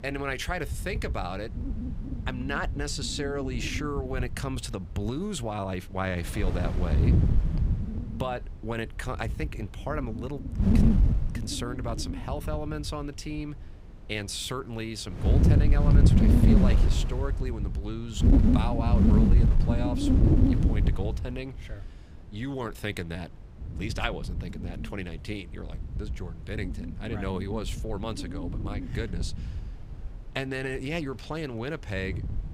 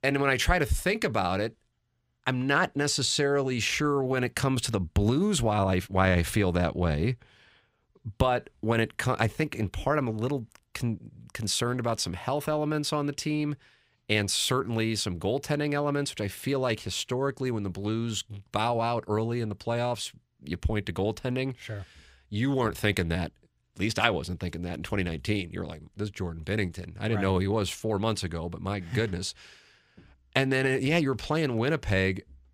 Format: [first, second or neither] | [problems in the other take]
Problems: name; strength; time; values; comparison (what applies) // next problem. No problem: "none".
second | wind noise on the microphone; heavy; 1 dB below the speech